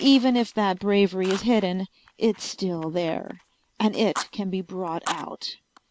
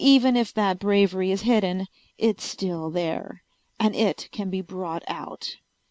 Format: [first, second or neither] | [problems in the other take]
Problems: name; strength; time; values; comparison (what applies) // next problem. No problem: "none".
second | background sound (Fire); 16 dB below the speech